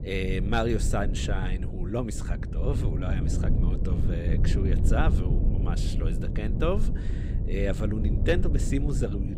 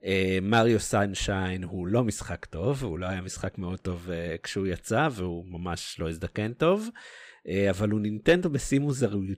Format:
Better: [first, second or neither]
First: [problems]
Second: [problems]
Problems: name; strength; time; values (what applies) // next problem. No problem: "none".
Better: second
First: low rumble; loud; throughout; 7 dB below the speech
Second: none